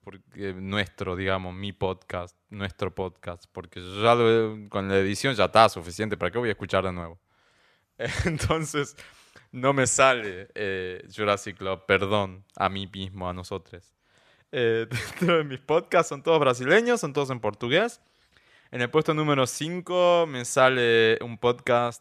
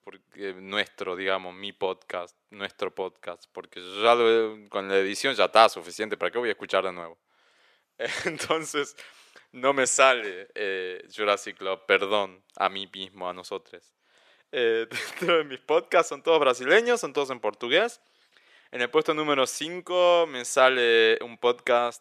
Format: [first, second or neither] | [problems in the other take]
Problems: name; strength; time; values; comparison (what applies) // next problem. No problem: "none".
first | thin; somewhat; fading below 400 Hz